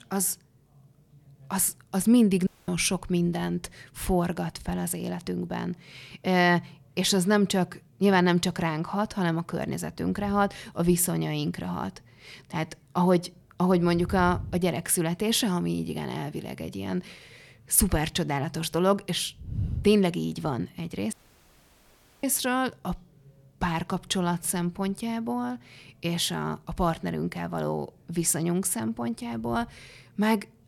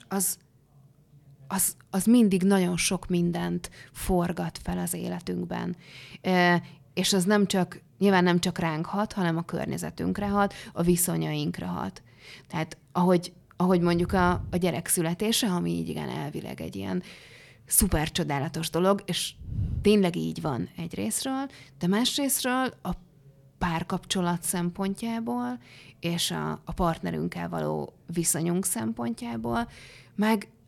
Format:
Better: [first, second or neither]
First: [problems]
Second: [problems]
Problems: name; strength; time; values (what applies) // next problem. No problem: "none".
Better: second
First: audio cutting out; at 2.5 s and at 21 s for 1 s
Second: none